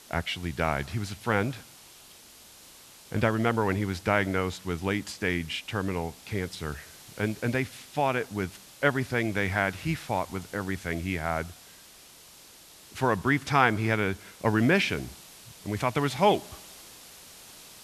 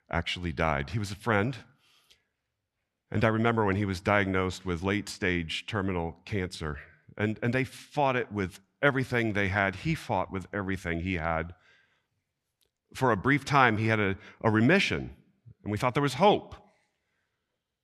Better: second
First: hiss; noticeable; throughout; 20 dB below the speech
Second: none

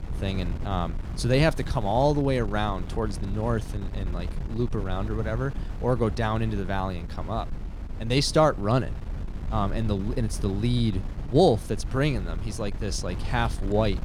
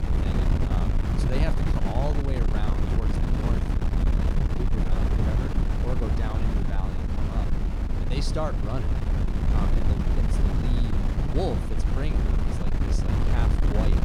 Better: first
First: wind noise on the microphone; occasional gusts; 15 dB below the speech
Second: wind noise on the microphone; heavy; 2 dB above the speech

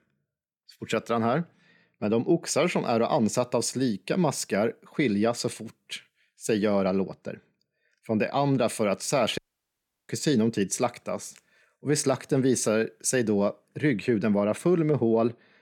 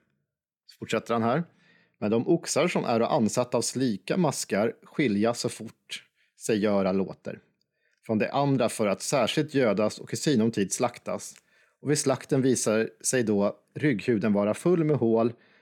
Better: second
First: audio cutting out; at 9.5 s for 0.5 s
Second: none

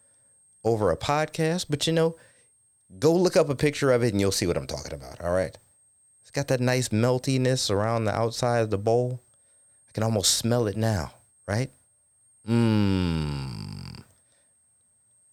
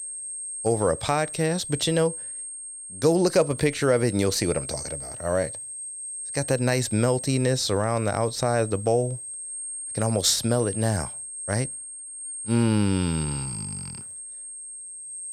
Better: first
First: high-pitched whine; faint; throughout; 8.5 kHz, 35 dB below the speech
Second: high-pitched whine; loud; throughout; 8.5 kHz, 9 dB below the speech

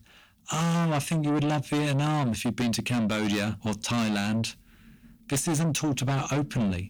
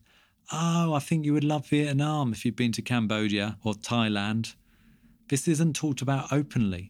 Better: second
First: distortion; heavy; 7 dB below the speech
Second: none

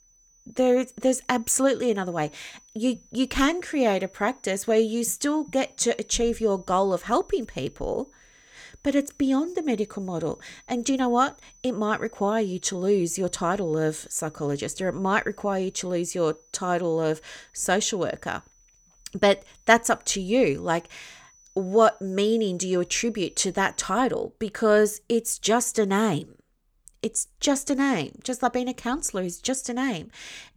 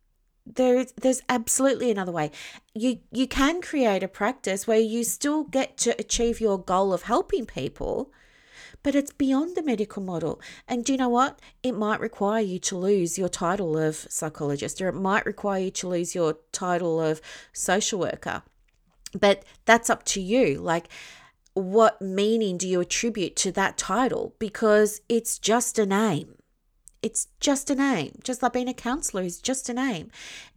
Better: second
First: high-pitched whine; faint; until 24 s; 6 kHz, 30 dB below the speech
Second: none

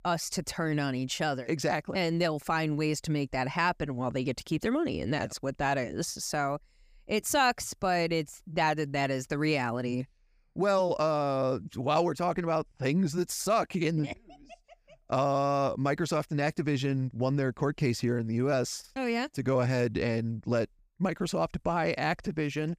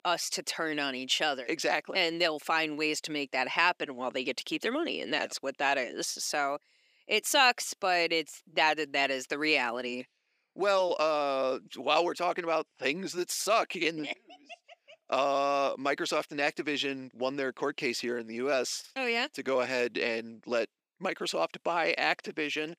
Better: first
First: none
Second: thin; somewhat; fading below 300 Hz

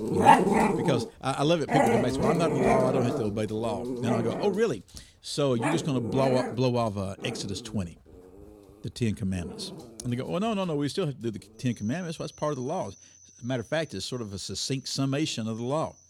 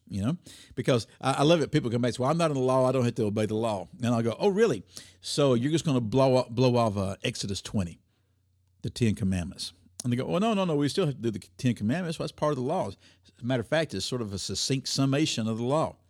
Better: second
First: animal sounds; very loud; throughout; 2 dB above the speech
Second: none

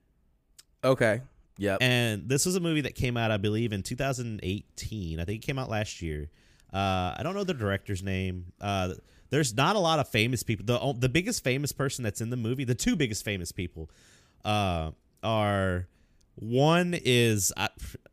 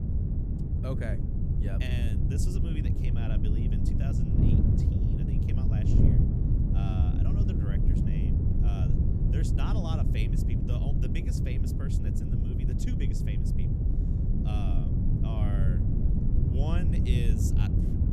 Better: first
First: none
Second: wind noise on the microphone; heavy; 4 dB above the speech

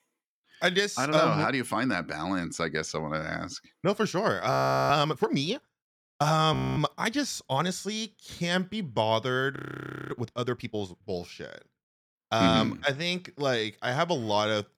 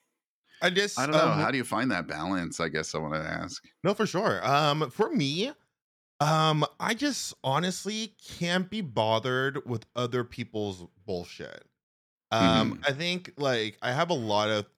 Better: second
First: audio freezing; at 4.5 s, at 6.5 s and at 9.5 s for 0.5 s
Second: none

